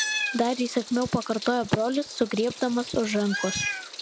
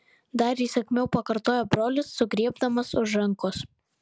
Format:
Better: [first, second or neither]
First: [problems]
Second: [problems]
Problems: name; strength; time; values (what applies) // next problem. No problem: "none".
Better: second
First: background sound (Meow); 8 dB below the speech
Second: none